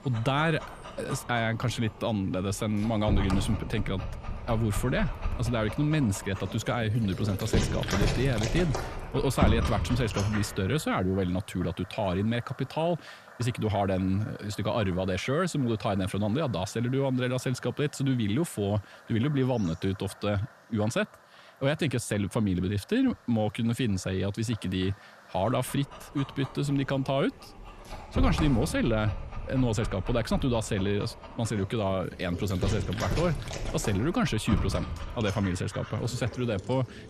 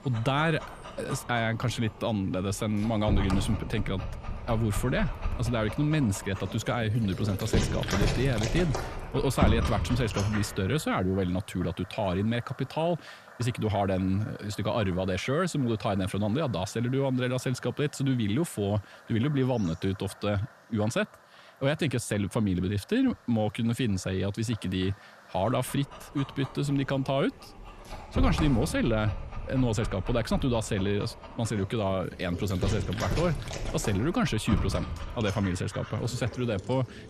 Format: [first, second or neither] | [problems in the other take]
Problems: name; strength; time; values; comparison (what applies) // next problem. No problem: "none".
neither | animal sounds; loud; throughout; 7 dB below the speech; the same in both